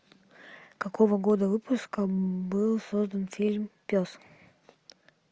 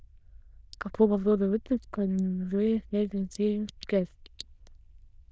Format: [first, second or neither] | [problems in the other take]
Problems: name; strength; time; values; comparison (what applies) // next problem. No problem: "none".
first | noise reduction (neural diffusion model UNIVERSE++)